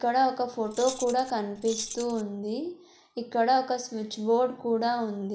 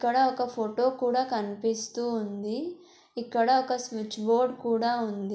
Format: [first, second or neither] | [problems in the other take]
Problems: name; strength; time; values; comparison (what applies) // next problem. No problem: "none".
second | background sound (Keys jangling); 12 dB below the speech